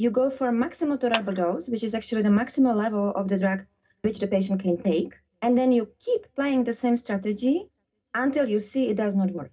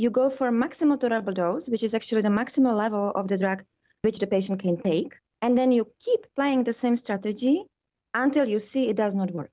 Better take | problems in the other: second | background sound (Clapping); 12 dB below the speech // room echo; dies away in 0.4 s

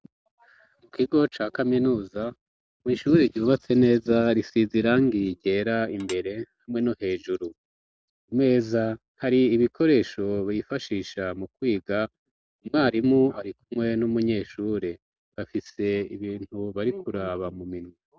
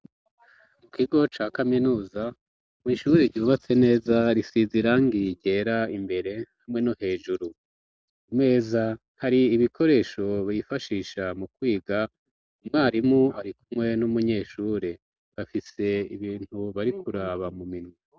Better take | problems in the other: second | background sound (Tap / Dishes, pots, and pans); 17 dB below the speech

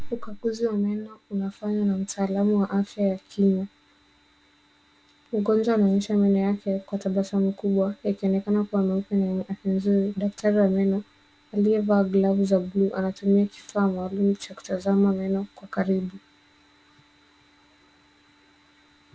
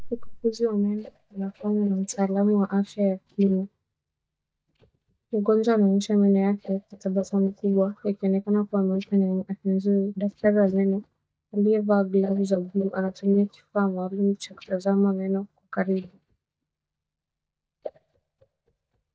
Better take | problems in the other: first | noise reduction (neural mask model DeepFilterNet 3)

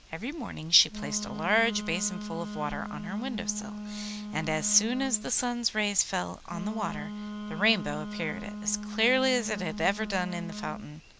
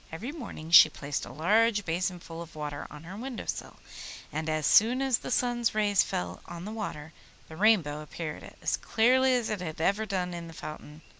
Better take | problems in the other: second | background sound (Wind instrument, woodwind instrument); 8 dB below the speech

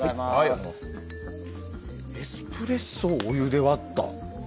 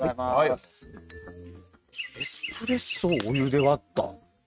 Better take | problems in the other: first | noise reduction (neural mask model RNNoise)

